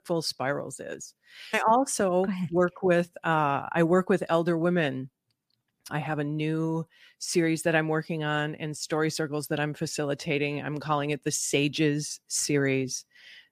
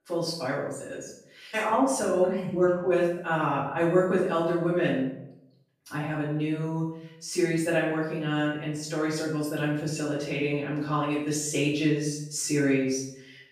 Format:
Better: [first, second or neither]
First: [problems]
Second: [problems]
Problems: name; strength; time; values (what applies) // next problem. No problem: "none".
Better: first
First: none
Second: off-mic speech; far // room echo; noticeable; dies away in 0.6 s